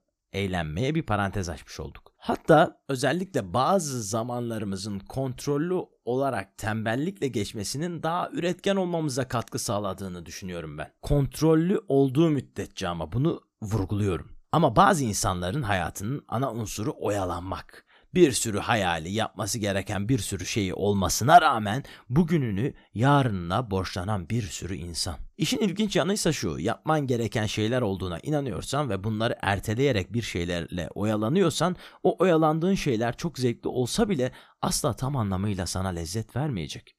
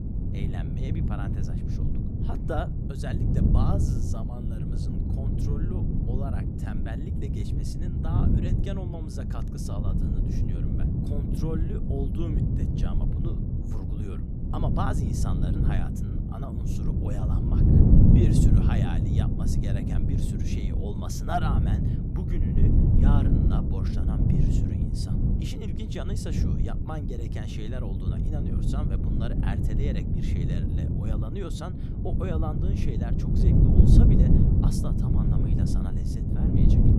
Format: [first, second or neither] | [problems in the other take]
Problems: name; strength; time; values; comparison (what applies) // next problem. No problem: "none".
first | wind noise on the microphone; heavy; 3 dB above the speech